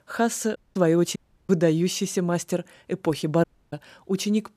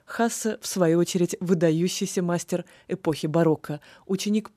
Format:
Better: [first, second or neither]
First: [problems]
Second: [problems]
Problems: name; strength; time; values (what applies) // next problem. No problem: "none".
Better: second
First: audio cutting out; at 0.5 s, at 1 s and at 3.5 s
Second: none